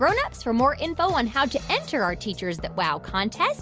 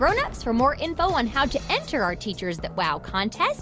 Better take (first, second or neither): first